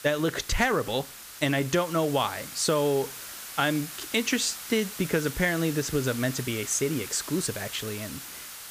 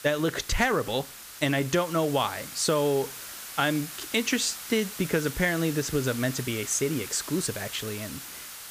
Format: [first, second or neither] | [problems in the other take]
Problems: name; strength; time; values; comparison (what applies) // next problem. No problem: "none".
neither | hiss; noticeable; throughout; 10 dB below the speech; the same in both